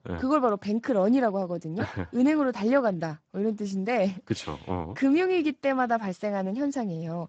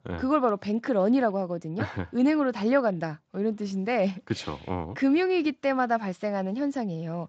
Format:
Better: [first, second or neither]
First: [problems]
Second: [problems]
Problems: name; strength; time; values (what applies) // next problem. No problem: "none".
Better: second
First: garbled, watery; badly; nothing above 7.5 kHz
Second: garbled, watery; slightly; nothing above 7.5 kHz